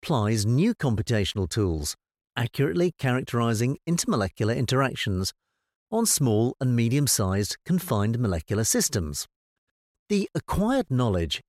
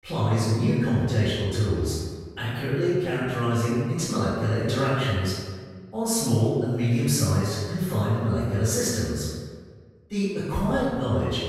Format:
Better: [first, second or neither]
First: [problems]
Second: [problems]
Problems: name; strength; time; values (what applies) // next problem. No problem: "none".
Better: first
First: none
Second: off-mic speech; far // room echo; strong; dies away in 1.4 s